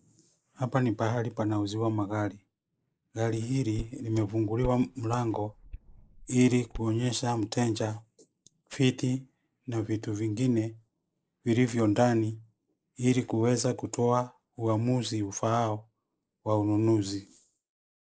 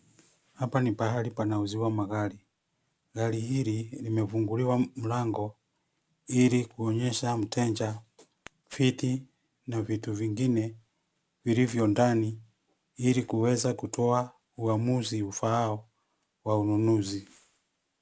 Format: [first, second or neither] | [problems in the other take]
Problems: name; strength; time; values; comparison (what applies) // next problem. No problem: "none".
second | noise reduction (neural mask model Resemble Enhance denoiser)